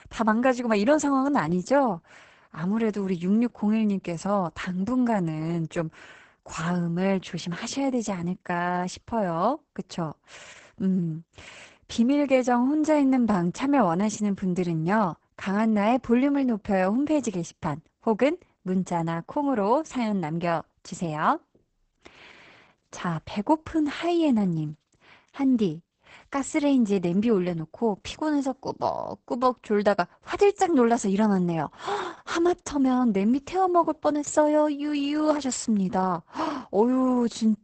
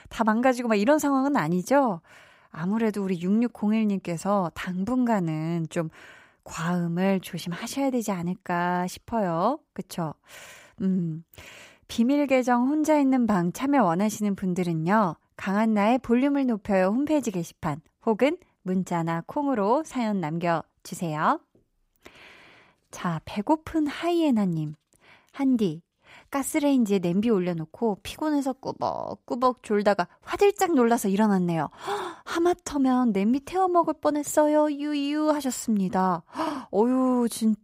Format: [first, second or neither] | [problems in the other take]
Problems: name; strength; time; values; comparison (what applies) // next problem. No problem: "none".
second | garbled, watery; badly; nothing above 8 kHz